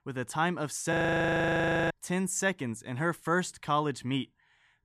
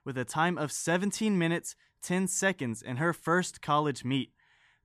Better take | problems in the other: second | audio freezing; at 1 s for 1 s

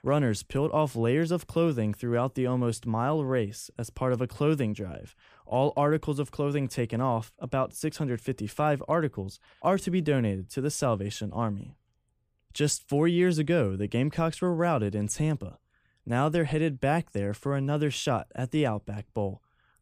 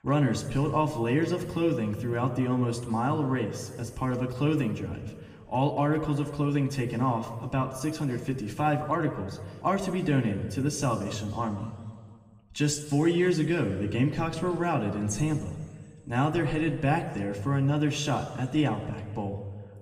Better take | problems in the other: first | room echo; slight; dies away in 1.4 s // off-mic speech; somewhat distant

